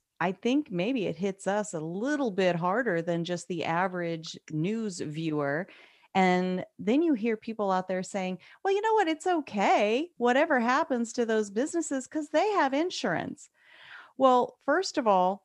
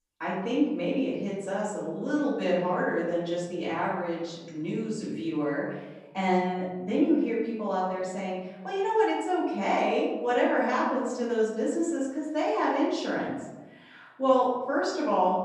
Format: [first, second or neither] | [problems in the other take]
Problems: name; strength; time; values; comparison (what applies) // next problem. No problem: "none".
first | room echo; noticeable; dies away in 1 s // off-mic speech; far